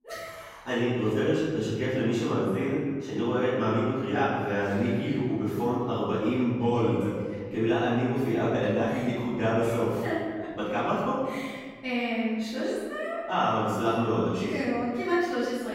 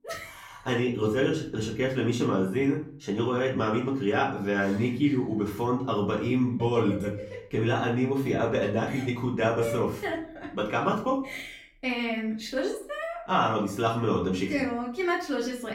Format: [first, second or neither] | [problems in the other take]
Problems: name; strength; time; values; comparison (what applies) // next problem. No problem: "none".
second | room echo; strong; dies away in 1.5 s; slight in the second // off-mic speech; far; far in the second